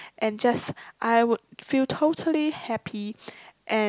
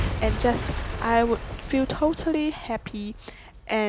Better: first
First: none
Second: background sound (Shatter / Crushing / Boom); 6 dB below the speech

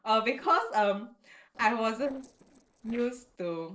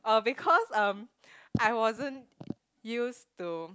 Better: second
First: noise reduction (neural separator model SepFormer DNS4)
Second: none

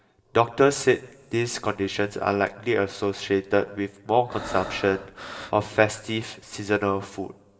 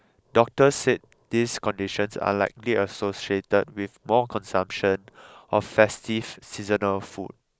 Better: second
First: background sound (Breathing); 13 dB below the speech // room echo; dies away in 0.9 s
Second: none

